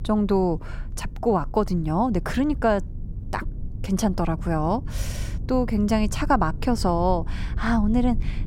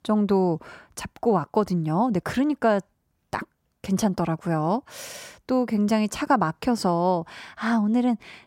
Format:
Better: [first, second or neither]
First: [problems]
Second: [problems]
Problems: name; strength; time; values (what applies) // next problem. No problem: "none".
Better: second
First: low rumble; faint; throughout; 20 dB below the speech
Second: none